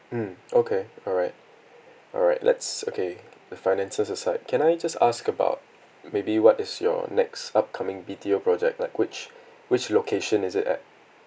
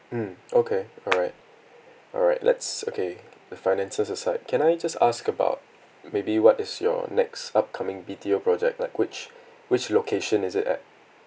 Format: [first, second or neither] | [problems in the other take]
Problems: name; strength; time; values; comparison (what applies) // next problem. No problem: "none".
first | background sound (Clapping); 4 dB below the speech